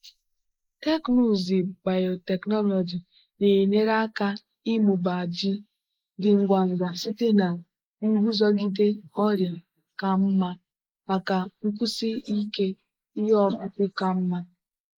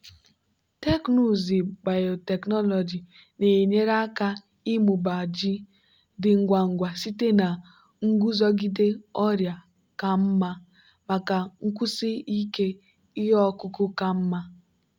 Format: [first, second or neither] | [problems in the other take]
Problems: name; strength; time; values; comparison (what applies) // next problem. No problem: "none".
second | noise reduction (neural mask model Resemble Enhance denoiser)